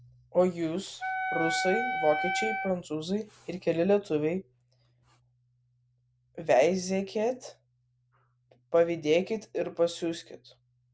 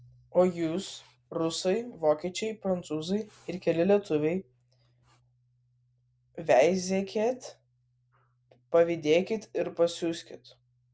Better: second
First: background sound (Wind instrument, woodwind instrument); 1 dB below the speech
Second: none

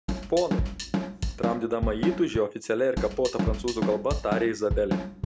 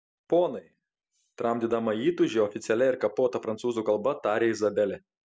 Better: second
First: background sound (Drum kit); 2 dB below the speech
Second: none

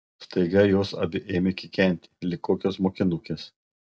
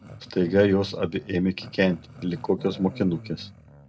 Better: first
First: none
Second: background sound (Growling); 18 dB below the speech

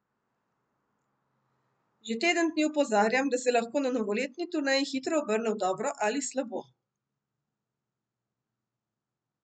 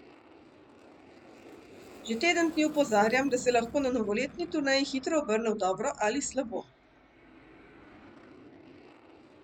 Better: first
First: none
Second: background sound (Aircraft); 18 dB below the speech

